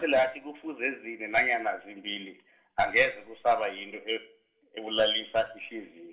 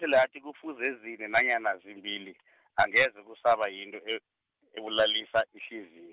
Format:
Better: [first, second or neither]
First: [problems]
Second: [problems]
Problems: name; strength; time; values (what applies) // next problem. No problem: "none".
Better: second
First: room echo; dies away in 0.5 s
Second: none